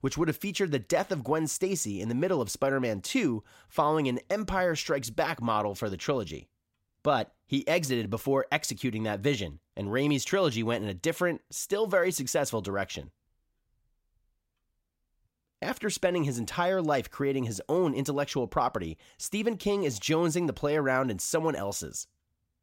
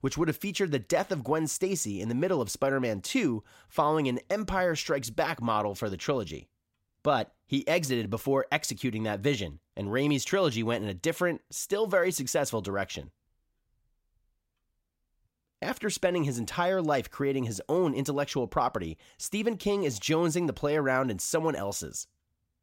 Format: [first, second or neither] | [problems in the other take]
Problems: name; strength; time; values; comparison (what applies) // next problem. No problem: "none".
neither | none